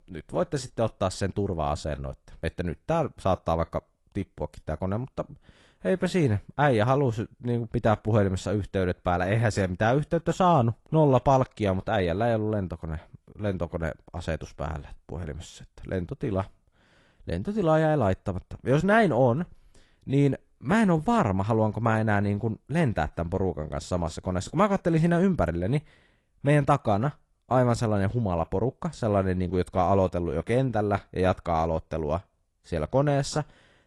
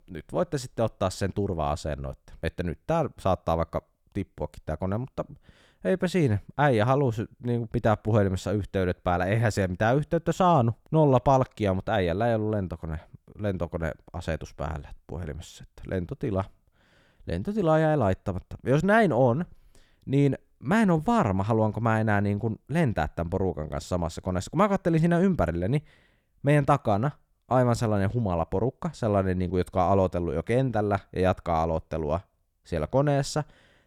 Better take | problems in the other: second | garbled, watery; slightly; nothing above 11 kHz

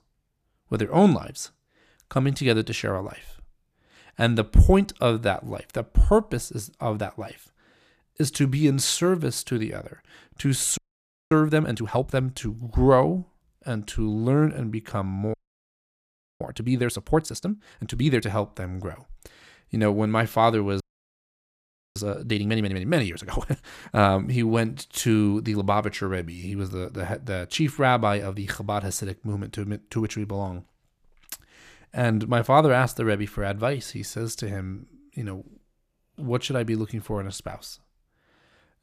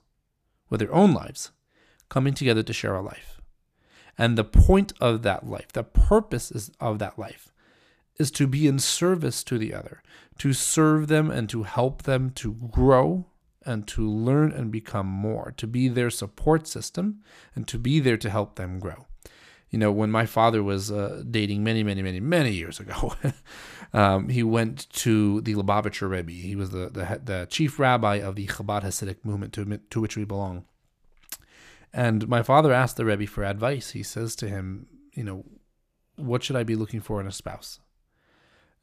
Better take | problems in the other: second | audio freezing; at 11 s for 0.5 s, at 15 s for 1 s and at 21 s for 1 s

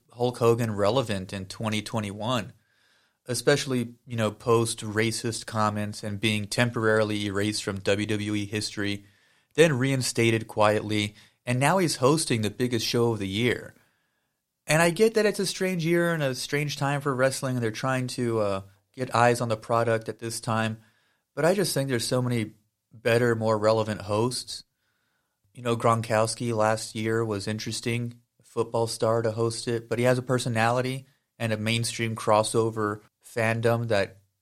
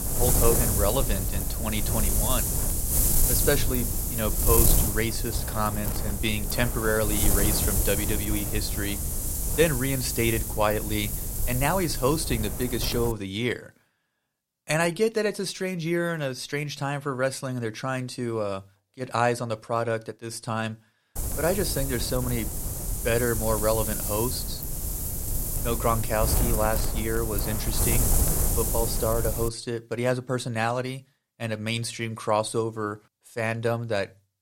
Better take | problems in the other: first | wind noise on the microphone; heavy; until 13 s and from 21 to 29 s; 3 dB below the speech

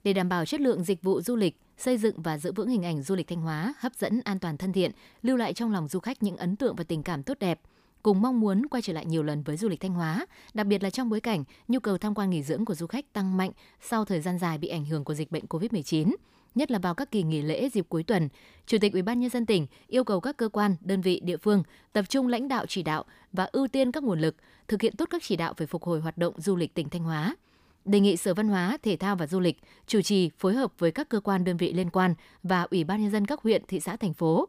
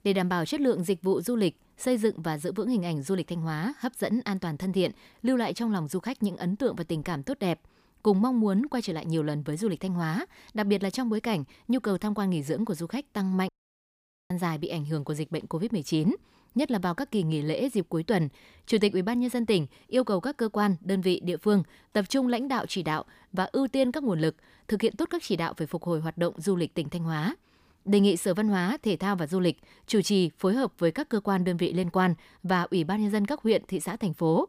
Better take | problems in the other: first | audio cutting out; at 13 s for 1 s

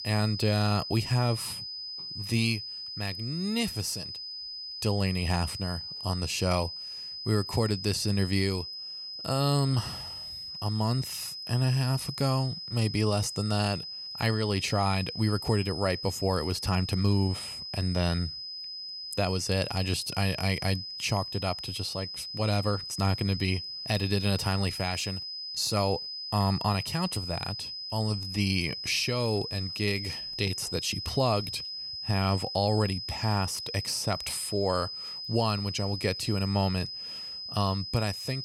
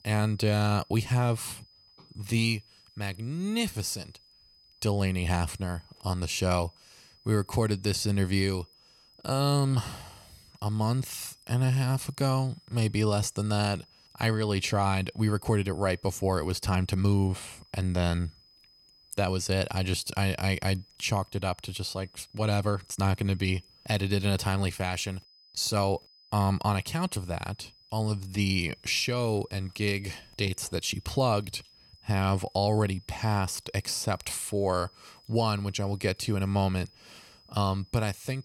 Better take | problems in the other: second | high-pitched whine; loud; throughout; 5 kHz, 6 dB below the speech; faint in the second

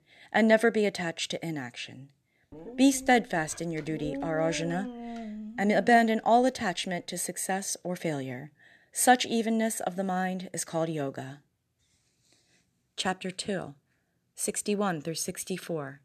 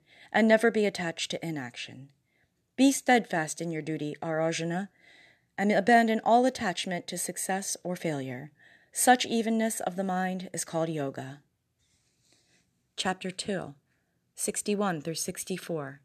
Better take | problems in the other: second | dog barking; noticeable; from 2.5 to 6 s; peak 8 dB below the speech

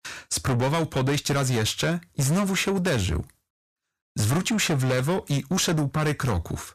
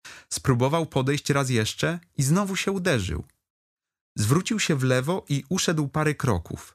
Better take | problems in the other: second | distortion; heavy; 6 dB below the speech

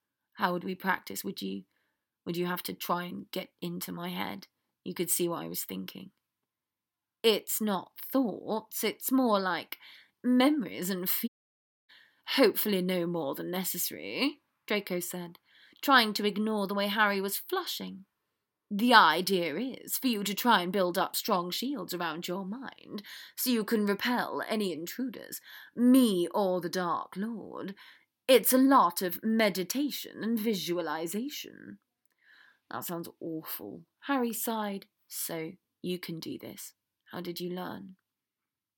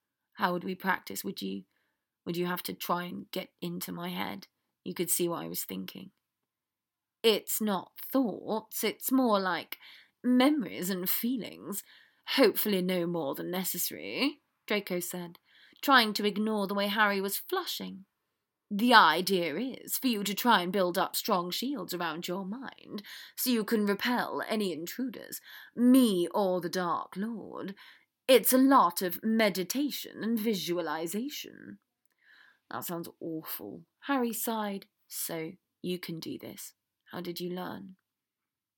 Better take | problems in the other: second | audio cutting out; at 11 s for 0.5 s

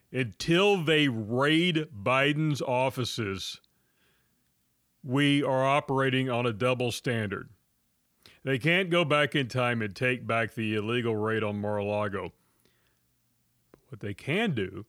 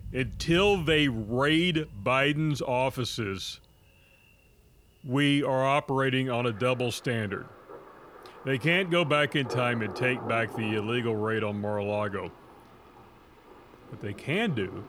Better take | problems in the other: first | rain or running water; noticeable; throughout; 15 dB below the speech

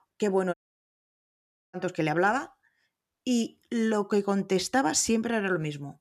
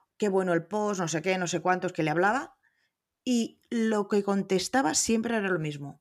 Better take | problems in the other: second | audio cutting out; at 0.5 s for 1 s

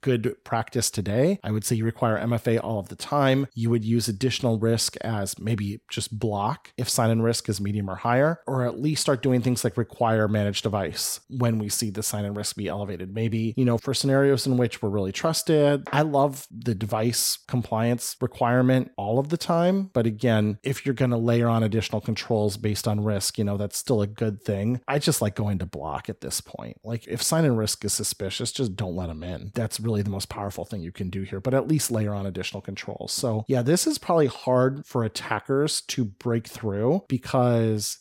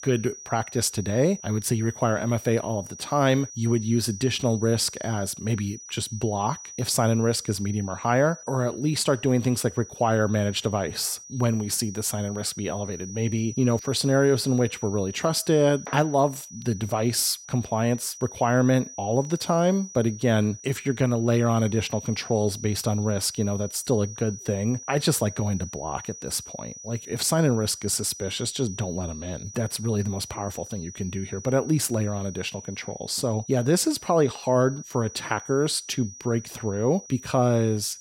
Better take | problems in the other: first | high-pitched whine; noticeable; throughout; 6 kHz, 15 dB below the speech

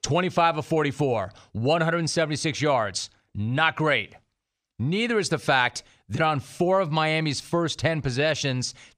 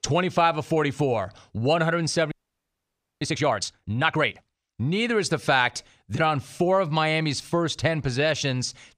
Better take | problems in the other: first | audio freezing; at 2.5 s for 1 s

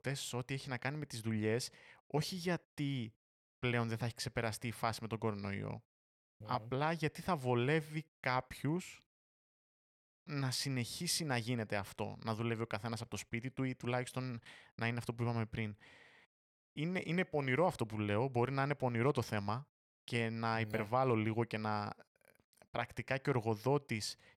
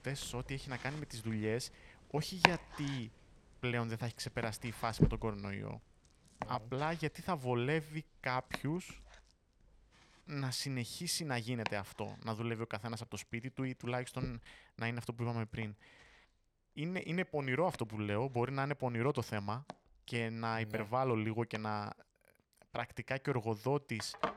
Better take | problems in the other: first | household noises; loud; throughout; 1 dB below the speech

